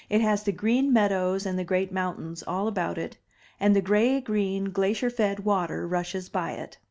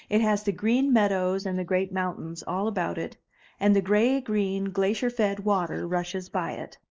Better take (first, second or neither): first